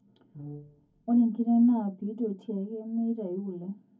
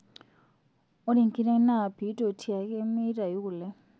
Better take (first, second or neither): second